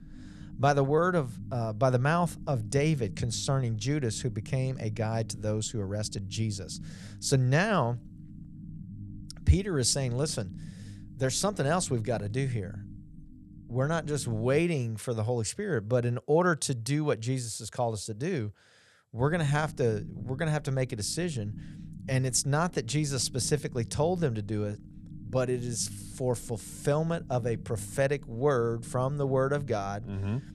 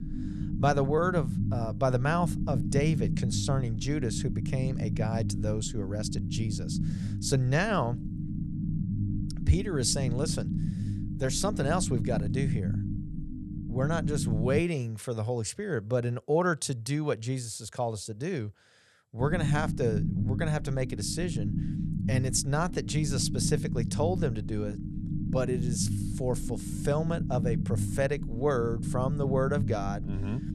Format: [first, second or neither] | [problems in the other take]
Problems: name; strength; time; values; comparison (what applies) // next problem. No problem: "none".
first | low rumble; loud; until 15 s and from 19 s on; 10 dB below the speech; faint in the first